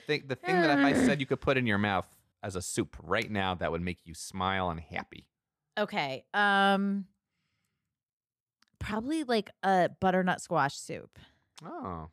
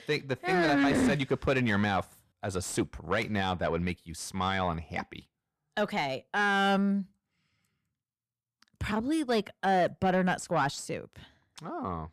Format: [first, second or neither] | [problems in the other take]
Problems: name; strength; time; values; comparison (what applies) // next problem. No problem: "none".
first | distortion; slight; 10 dB below the speech